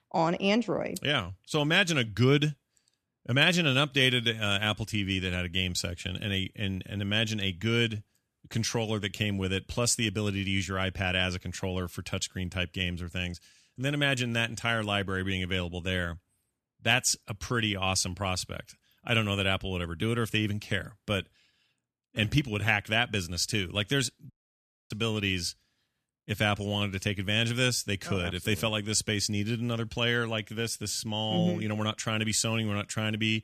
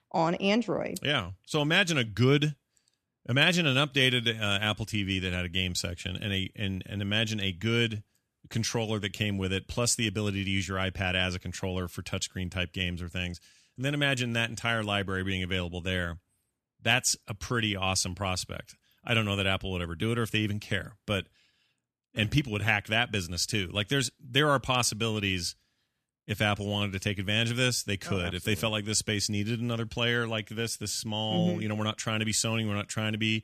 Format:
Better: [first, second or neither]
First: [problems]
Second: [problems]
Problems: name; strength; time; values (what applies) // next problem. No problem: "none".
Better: second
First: audio cutting out; at 24 s for 0.5 s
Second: none